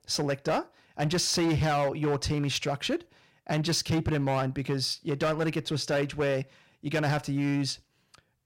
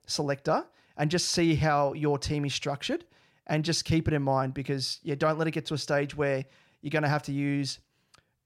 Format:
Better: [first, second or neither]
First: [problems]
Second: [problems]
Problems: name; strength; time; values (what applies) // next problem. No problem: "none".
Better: second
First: distortion; slight; 11% of the sound clipped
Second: none